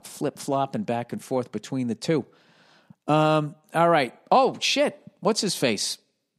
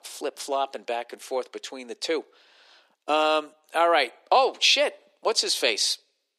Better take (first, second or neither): first